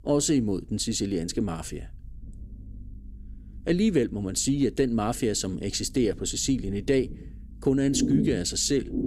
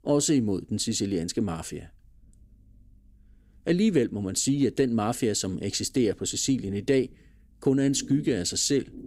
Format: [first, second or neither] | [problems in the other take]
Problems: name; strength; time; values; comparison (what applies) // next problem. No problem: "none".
second | low rumble; loud; throughout; 9 dB below the speech; faint in the second